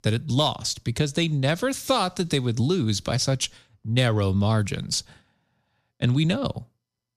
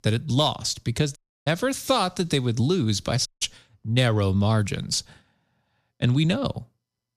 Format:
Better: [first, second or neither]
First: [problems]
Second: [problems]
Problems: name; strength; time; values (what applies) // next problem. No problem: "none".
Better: first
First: none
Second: audio cutting out; at 1 s and at 3.5 s